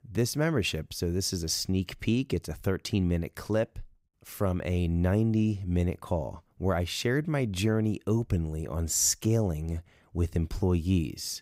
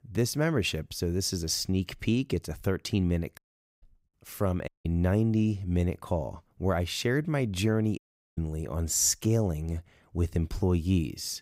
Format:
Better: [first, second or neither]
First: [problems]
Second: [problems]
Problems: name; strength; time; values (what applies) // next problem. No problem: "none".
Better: first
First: none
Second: audio cutting out; at 3.5 s, at 4.5 s and at 8 s